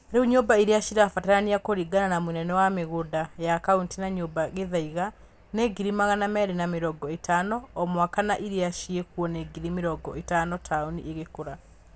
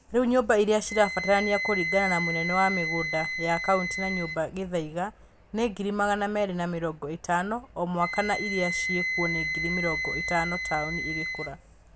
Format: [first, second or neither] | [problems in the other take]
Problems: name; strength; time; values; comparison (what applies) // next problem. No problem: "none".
first | background sound (Wind instrument, woodwind instrument); 5 dB below the speech